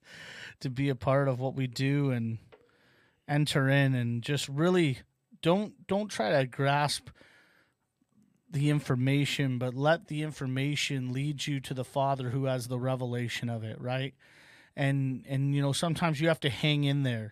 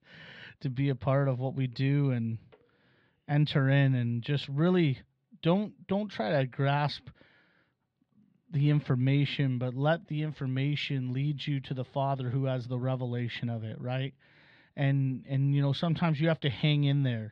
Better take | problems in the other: first | muffled; very slightly; fading above 4 kHz

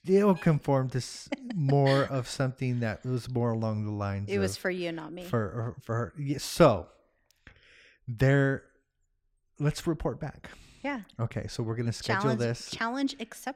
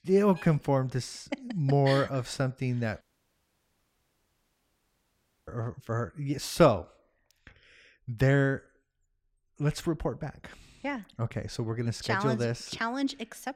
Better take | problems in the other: first | audio cutting out; at 3 s for 2.5 s

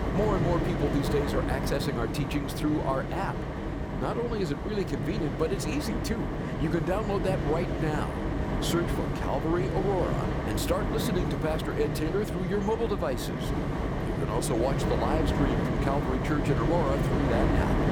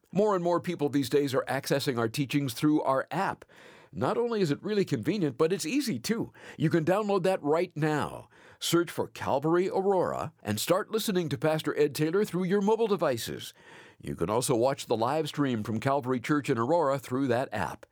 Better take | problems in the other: second | wind noise on the microphone; heavy; 2 dB below the speech

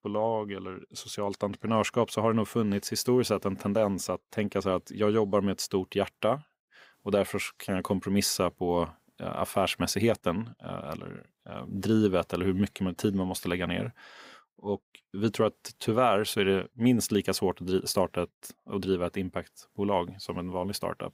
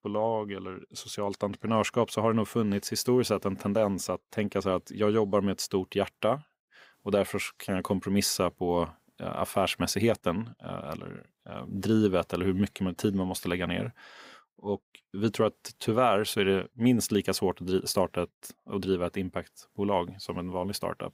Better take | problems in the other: neither | none

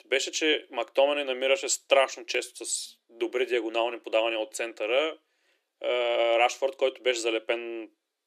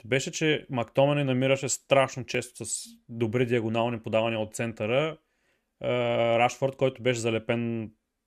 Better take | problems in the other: second | thin; very; fading below 300 Hz

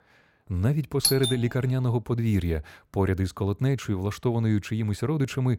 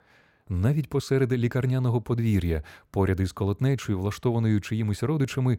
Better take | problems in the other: second | doorbell; loud; at 1 s; peak 2 dB above the speech

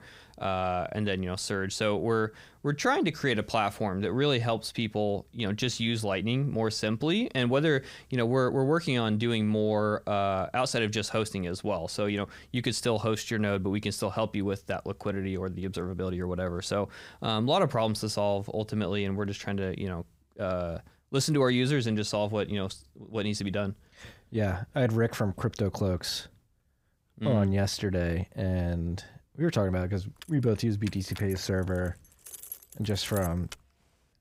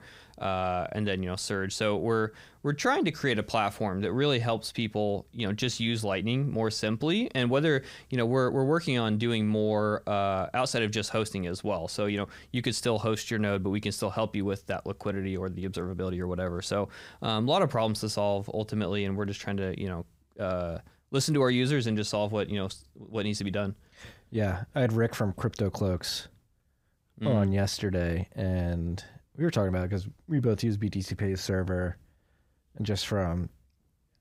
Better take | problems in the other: second | jangling keys; faint; from 30 to 34 s; peak 10 dB below the speech

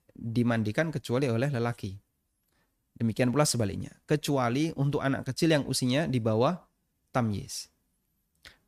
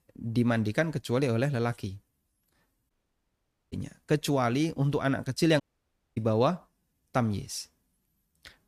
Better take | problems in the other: first | audio cutting out; at 3 s for 1 s and at 5.5 s for 0.5 s

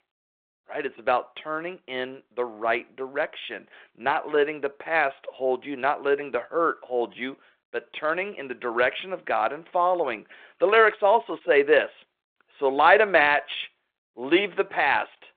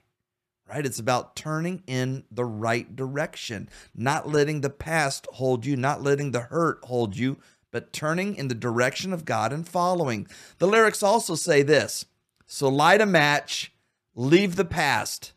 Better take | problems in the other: second | phone-call audio; nothing above 3.5 kHz

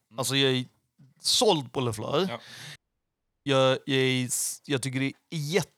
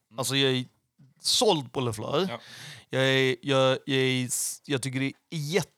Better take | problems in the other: second | audio cutting out; at 3 s for 0.5 s

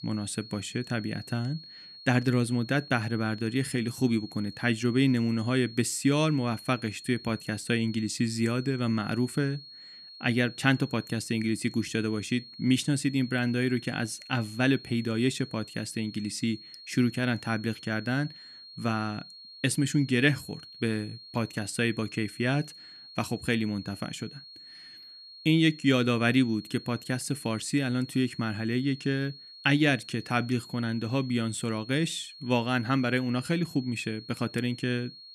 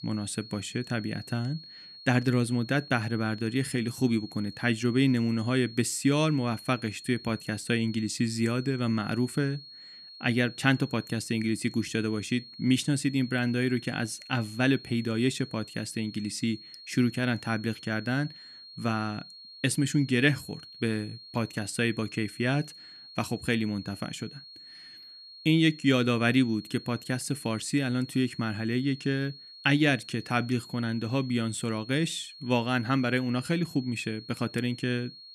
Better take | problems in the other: neither | high-pitched whine; noticeable; throughout; 4.5 kHz, 15 dB below the speech; the same in both

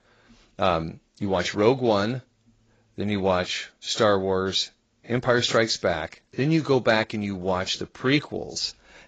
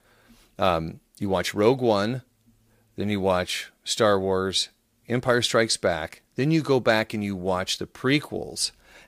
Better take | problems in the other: second | garbled, watery; badly; nothing above 7.5 kHz

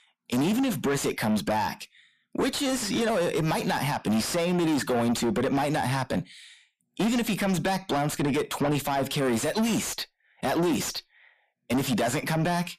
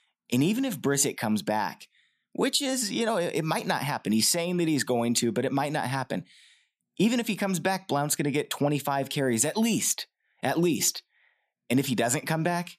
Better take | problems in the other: second | distortion; heavy; 6 dB below the speech

